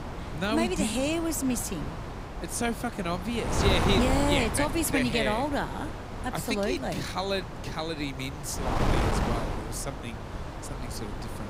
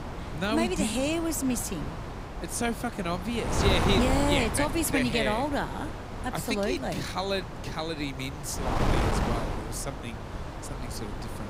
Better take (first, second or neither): neither